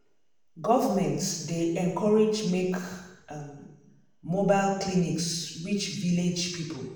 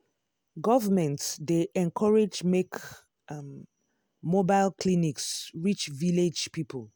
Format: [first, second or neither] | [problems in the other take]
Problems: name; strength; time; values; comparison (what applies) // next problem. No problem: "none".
second | room echo; dies away in 0.9 s